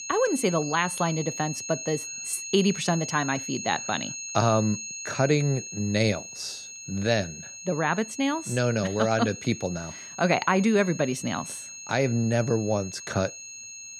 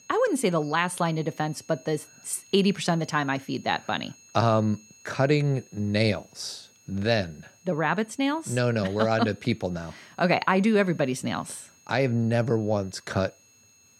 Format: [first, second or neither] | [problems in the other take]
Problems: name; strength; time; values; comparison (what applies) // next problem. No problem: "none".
second | high-pitched whine; loud; throughout; 6.5 kHz, 9 dB below the speech; faint in the second